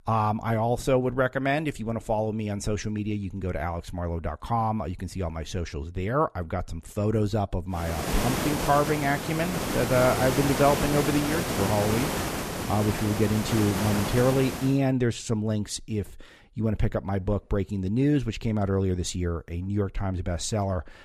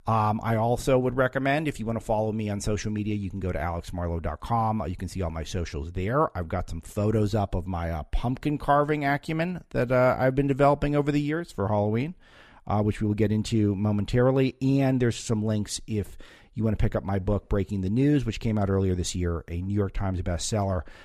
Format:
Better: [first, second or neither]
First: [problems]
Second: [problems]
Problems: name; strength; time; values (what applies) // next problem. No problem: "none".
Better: second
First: hiss; loud; from 8 to 15 s; 2 dB below the speech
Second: none